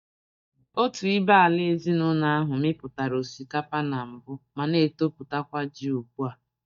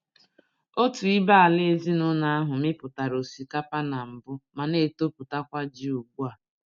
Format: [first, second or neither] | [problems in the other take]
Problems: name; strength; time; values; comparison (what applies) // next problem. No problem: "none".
second | noise reduction (neural mask model DeepFilterNet 3)